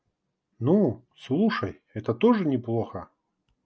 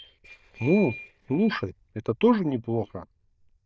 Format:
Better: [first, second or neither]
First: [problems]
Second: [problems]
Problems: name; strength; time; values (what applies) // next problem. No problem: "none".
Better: first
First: none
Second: noise reduction (neural diffusion model UNIVERSE++)